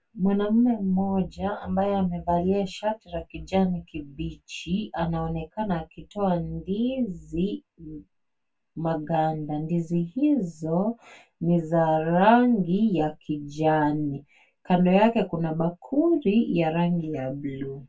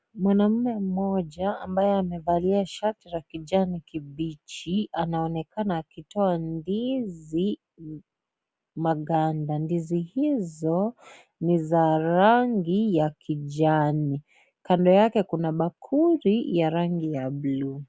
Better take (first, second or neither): second